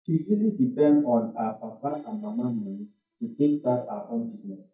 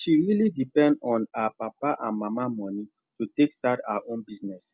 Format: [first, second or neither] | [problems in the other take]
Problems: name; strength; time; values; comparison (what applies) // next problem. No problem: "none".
second | noise reduction (neural mask model DeepFilterNet 3)